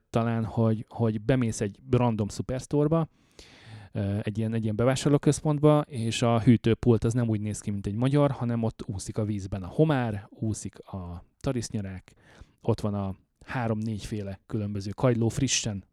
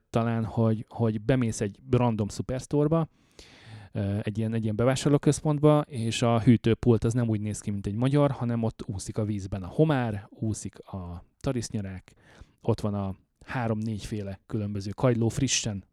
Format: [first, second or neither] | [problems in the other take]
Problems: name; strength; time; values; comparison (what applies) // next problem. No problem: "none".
neither | none